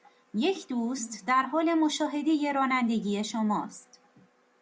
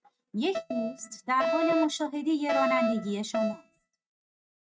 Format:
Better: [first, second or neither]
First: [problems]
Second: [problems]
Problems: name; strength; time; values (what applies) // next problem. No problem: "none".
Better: first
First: none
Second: noise reduction (neural mask model RNNoise)